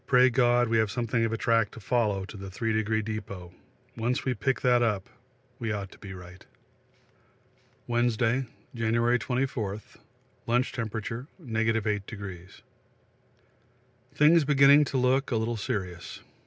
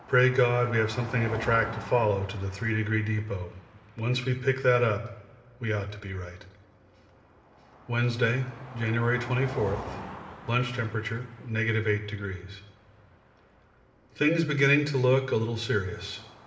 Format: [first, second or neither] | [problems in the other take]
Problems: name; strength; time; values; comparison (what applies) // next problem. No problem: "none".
first | background sound (Car passing by); 17 dB below the speech // room echo; dies away in 1.6 s